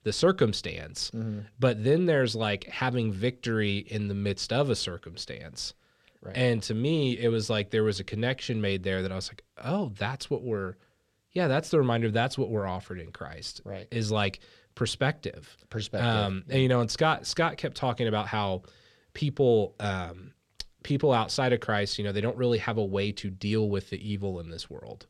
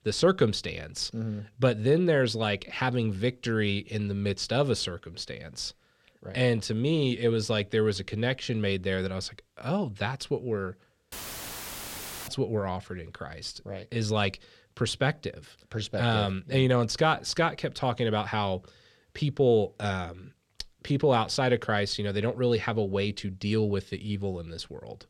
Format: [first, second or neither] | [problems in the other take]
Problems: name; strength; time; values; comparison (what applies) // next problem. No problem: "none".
first | audio cutting out; filled with static; at 11 s for 1 s